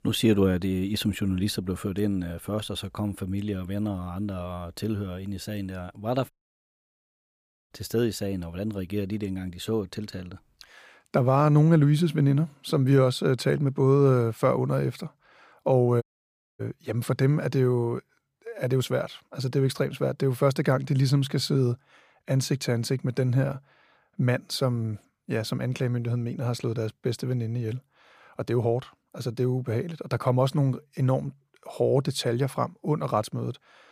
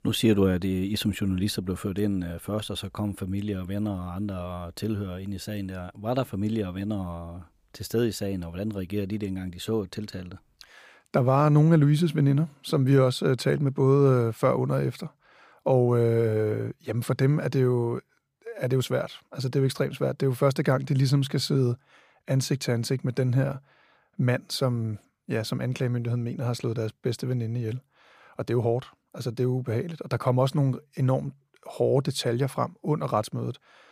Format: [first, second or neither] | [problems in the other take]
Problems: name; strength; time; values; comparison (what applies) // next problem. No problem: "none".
second | audio cutting out; at 6.5 s for 1.5 s and at 16 s for 0.5 s